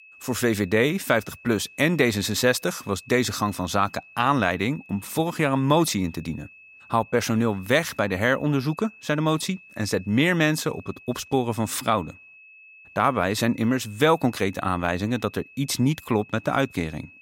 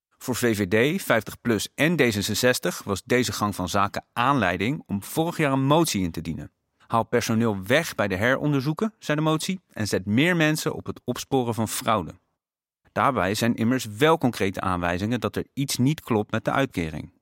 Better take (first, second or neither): second